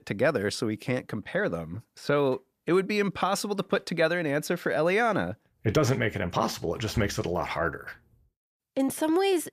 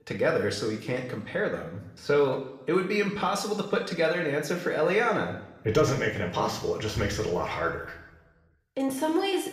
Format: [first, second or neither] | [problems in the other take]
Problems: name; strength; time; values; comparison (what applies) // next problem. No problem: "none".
first | room echo; slight; dies away in 0.8 s // off-mic speech; somewhat distant